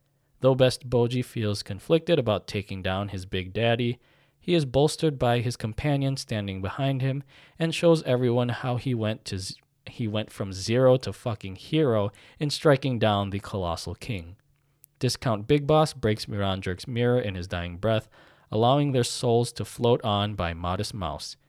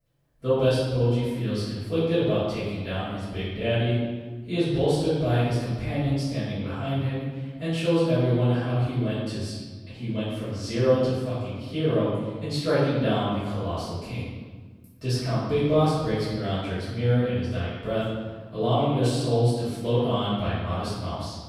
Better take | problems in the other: first | off-mic speech; far // room echo; strong; dies away in 1.3 s

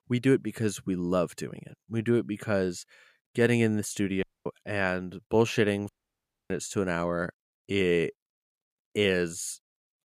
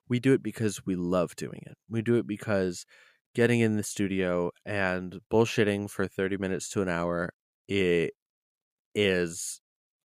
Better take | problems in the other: second | audio cutting out; at 4 s and at 6 s for 0.5 s

